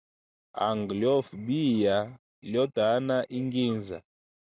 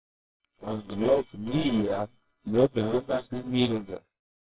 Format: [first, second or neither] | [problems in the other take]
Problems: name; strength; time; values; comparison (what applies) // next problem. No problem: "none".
first | noise reduction (neural separator model SepFormer WHAMR!)